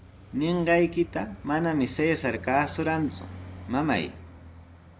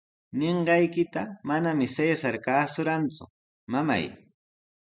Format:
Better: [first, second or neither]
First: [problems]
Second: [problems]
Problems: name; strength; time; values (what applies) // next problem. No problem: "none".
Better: second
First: background sound (Traffic noise, roadway noise); 16 dB below the speech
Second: none